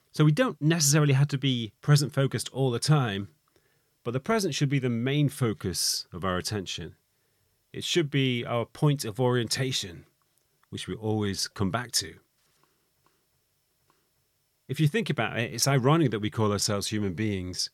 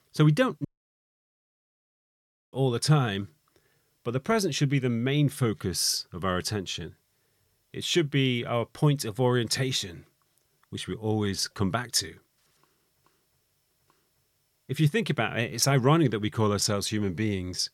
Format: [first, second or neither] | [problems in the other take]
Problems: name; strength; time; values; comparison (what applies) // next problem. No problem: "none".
first | audio cutting out; at 0.5 s for 2 s